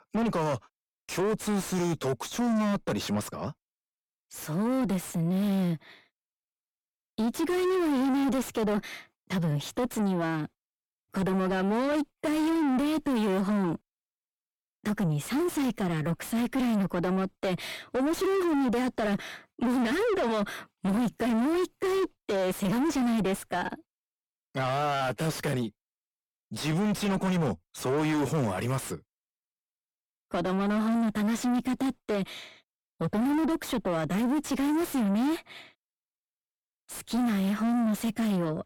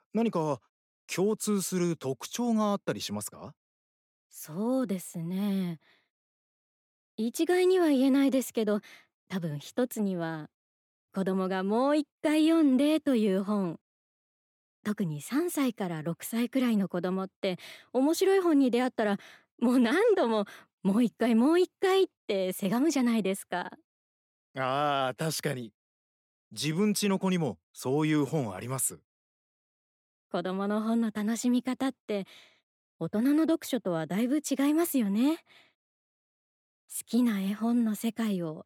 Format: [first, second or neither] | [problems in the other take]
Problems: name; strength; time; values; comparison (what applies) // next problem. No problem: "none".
second | distortion; heavy; 5 dB below the speech